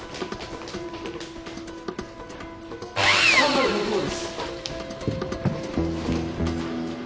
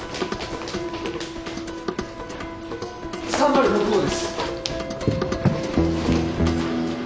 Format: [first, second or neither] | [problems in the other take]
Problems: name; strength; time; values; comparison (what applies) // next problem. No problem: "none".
second | background sound (Sawing); 1 dB below the speech